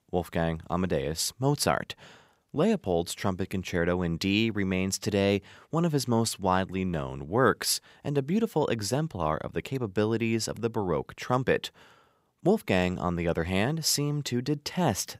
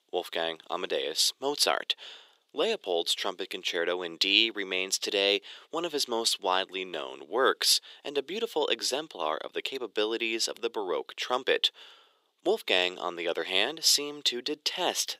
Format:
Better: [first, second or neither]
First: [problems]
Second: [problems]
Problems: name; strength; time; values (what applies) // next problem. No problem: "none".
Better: first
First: none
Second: thin; very; fading below 350 Hz